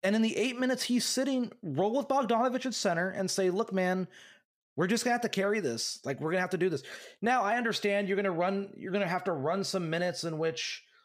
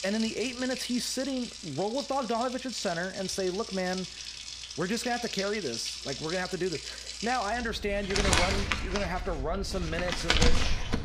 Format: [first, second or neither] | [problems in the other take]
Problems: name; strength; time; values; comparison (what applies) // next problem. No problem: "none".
first | household noises; loud; throughout; 1 dB below the speech